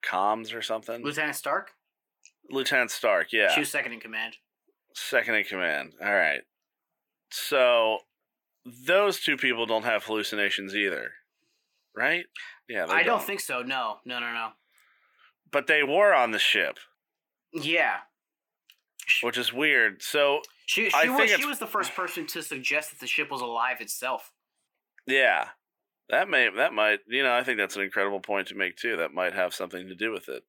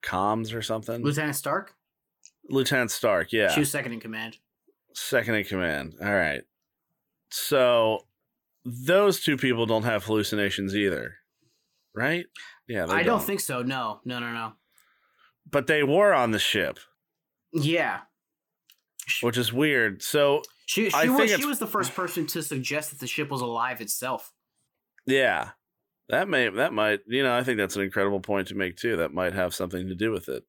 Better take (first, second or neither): second